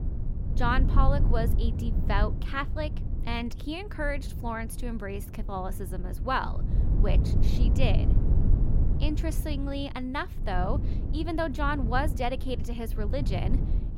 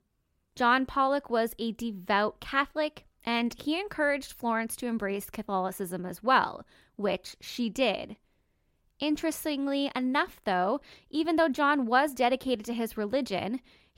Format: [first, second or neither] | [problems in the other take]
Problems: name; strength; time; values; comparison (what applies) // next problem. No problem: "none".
second | low rumble; noticeable; throughout; 10 dB below the speech